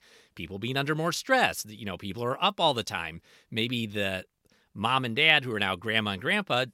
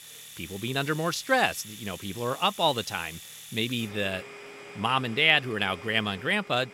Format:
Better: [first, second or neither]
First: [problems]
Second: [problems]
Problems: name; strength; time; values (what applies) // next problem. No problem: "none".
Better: first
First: none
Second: household noises; noticeable; throughout; 15 dB below the speech